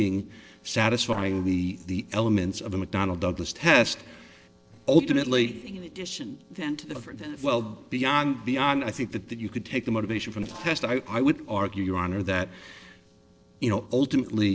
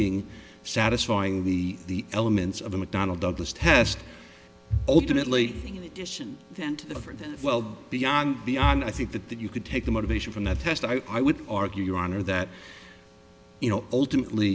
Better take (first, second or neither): second